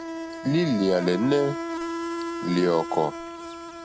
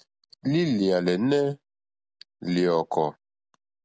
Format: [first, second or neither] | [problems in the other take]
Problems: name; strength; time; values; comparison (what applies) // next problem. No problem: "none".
second | background sound (Insect); 7 dB below the speech